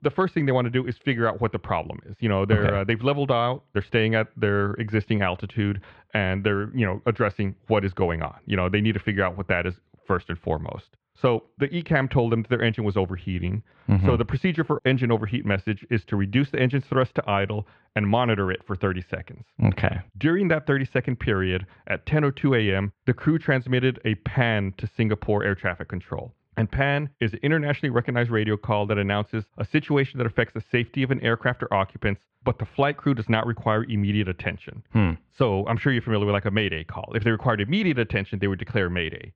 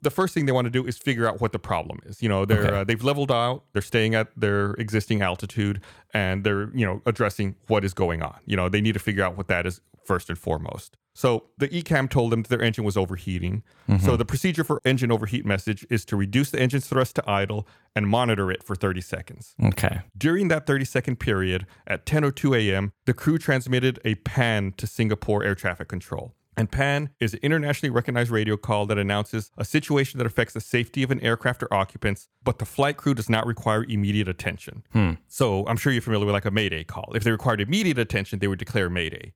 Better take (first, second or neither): second